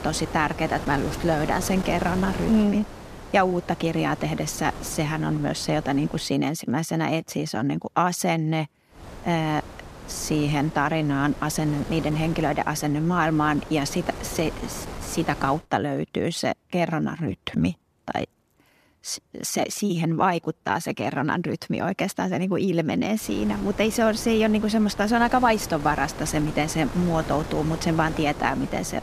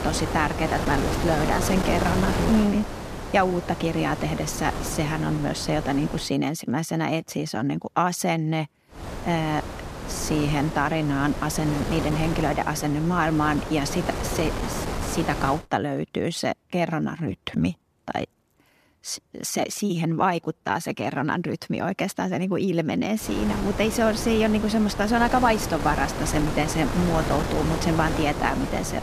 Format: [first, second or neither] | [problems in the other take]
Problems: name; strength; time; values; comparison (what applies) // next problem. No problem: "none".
first | wind noise on the microphone; heavy; until 6 s, from 9 to 16 s and from 23 s on; 6 dB below the speech; occasional gusts in the first